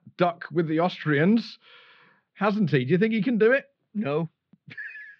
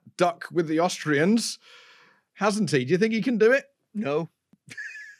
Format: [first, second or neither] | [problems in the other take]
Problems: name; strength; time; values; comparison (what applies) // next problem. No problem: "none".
second | muffled; slightly; fading above 4 kHz